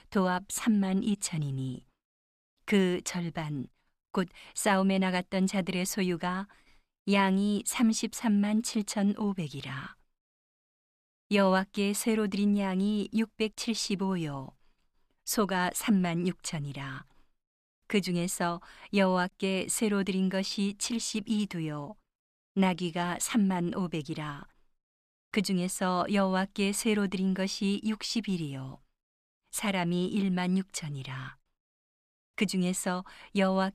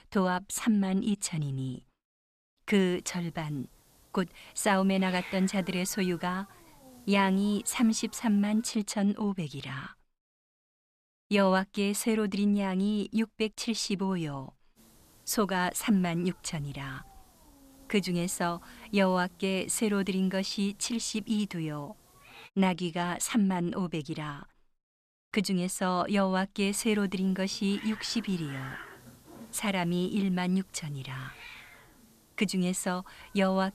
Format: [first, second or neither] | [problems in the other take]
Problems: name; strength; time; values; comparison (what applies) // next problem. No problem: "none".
first | hiss; faint; from 3 to 8.5 s, from 15 to 22 s and from 27 s on; 20 dB below the speech